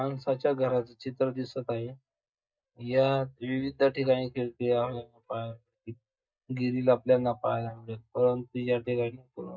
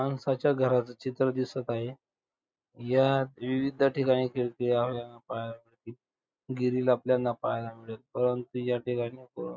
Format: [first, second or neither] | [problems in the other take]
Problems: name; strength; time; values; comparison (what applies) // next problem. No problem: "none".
second | noise reduction (neural mask model DeepFilterNet 3)